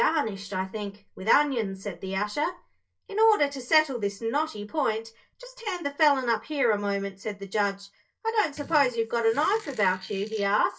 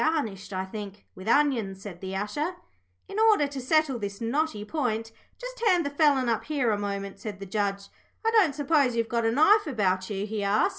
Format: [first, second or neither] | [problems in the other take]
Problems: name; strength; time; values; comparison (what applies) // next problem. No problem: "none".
second | noise reduction (neural mask model DeepFilterNet 3)